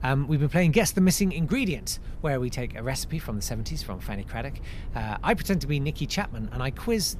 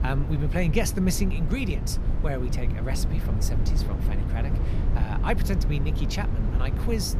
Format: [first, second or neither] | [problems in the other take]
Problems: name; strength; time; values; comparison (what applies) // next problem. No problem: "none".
first | low rumble; loud; throughout; 7 dB below the speech; faint in the first